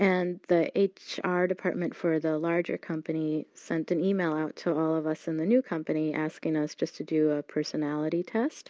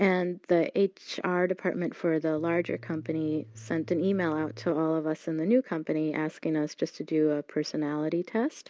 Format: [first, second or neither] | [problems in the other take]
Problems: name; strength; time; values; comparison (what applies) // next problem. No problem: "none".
first | background sound (Bass guitar); 19 dB below the speech